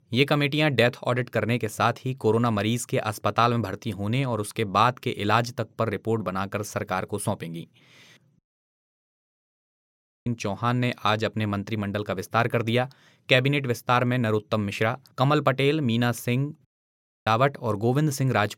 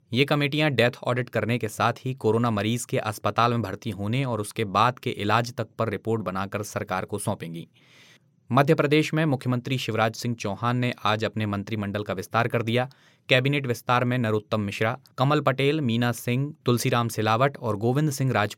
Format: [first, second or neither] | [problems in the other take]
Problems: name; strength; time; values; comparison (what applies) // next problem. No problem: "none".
second | audio cutting out; at 8.5 s for 2 s and at 17 s for 0.5 s